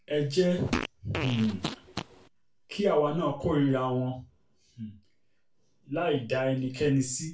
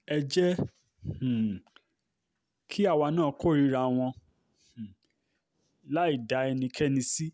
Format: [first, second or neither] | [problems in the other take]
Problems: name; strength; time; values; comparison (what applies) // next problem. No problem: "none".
second | background sound (Fart); 6 dB below the speech // room echo; dies away in 0.3 s